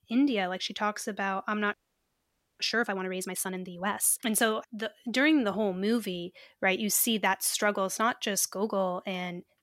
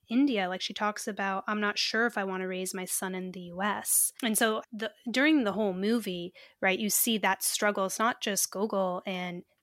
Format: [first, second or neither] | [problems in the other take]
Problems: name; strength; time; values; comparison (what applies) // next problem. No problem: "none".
second | audio freezing; at 1.5 s for 1 s